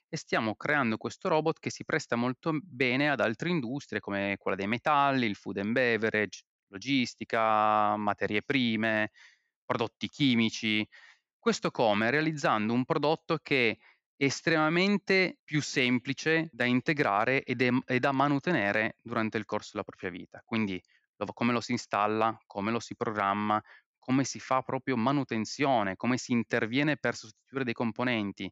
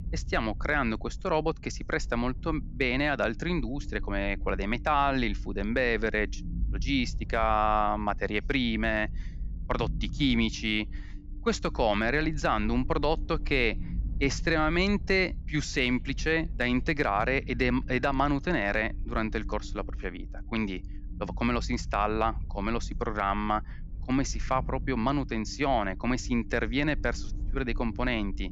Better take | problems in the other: first | low rumble; faint; throughout; 25 dB below the speech

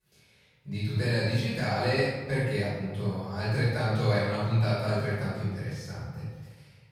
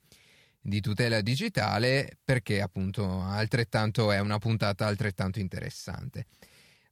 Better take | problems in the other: second | off-mic speech; far // room echo; strong; dies away in 1.1 s

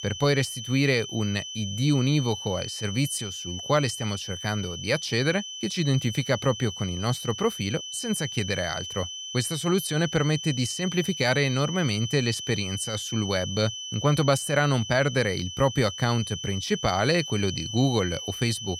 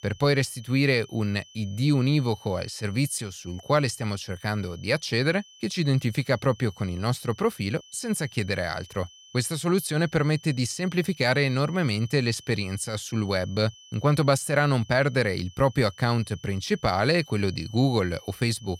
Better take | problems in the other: second | high-pitched whine; loud; throughout; 3 kHz, 8 dB below the speech; faint in the second

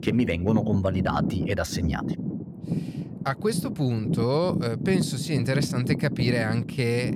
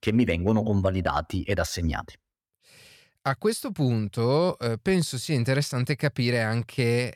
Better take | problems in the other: second | low rumble; loud; throughout; 8 dB below the speech

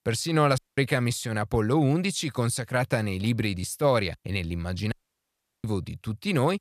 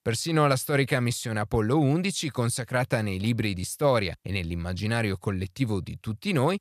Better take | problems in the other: second | audio cutting out; at 0.5 s and at 5 s for 0.5 s

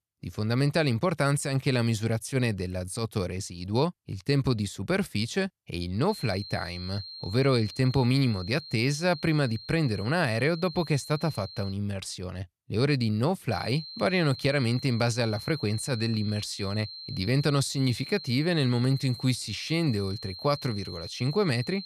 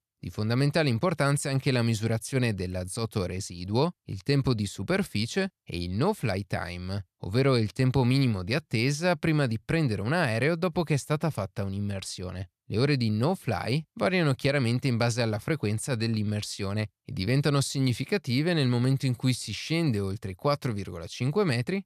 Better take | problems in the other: second | high-pitched whine; noticeable; from 6 to 12 s and from 14 s on; 4 kHz, 10 dB below the speech

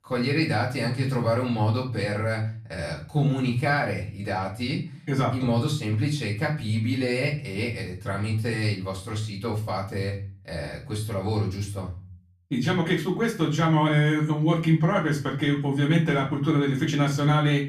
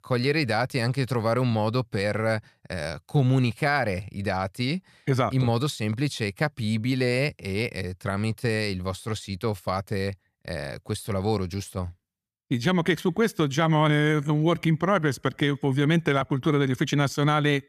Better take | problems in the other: second | off-mic speech; far // room echo; slight; dies away in 0.4 s

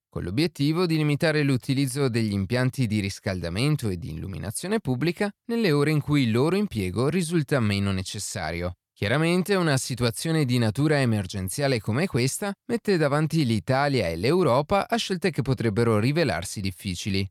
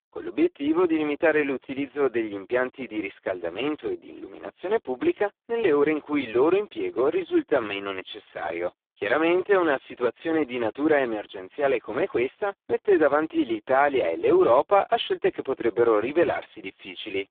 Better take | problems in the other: first | phone-call audio; poor line

